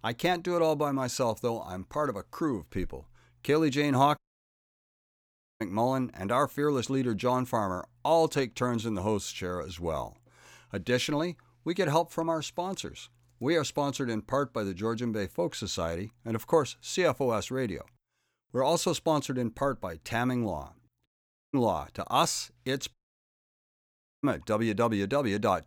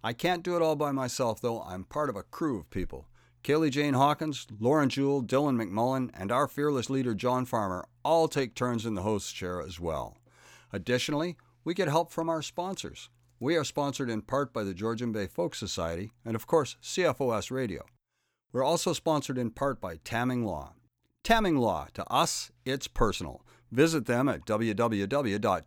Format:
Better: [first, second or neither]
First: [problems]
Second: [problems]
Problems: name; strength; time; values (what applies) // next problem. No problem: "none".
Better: second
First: audio cutting out; at 4 s for 1.5 s, at 21 s and at 23 s for 1.5 s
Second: none